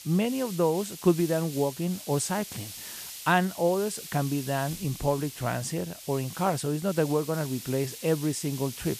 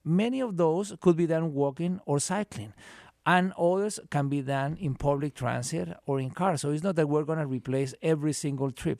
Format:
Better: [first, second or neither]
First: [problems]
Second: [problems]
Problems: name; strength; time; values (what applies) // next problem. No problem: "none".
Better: second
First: hiss; noticeable; throughout; 10 dB below the speech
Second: none